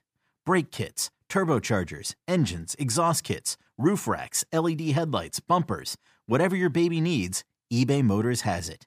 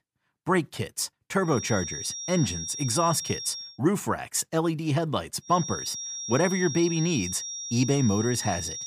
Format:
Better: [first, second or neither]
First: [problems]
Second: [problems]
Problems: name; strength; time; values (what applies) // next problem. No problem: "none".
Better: first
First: none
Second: high-pitched whine; loud; from 1.5 to 3.5 s and from 5.5 s on; 5.5 kHz, 6 dB below the speech